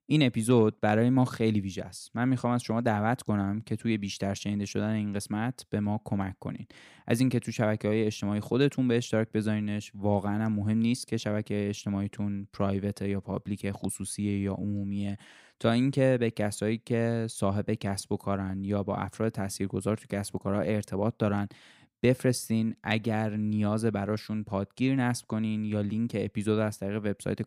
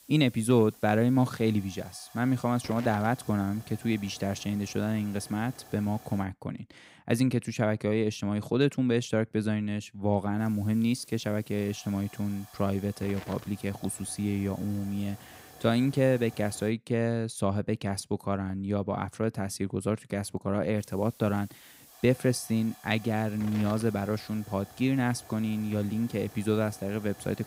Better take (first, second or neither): first